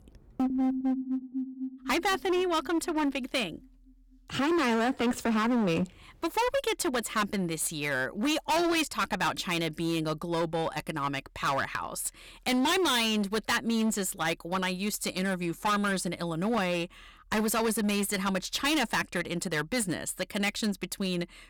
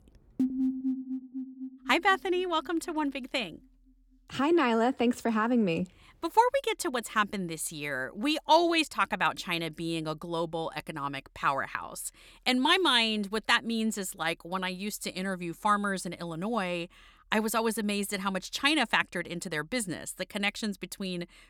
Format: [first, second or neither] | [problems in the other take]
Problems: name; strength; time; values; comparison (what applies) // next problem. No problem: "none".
second | distortion; heavy; 15% of the sound clipped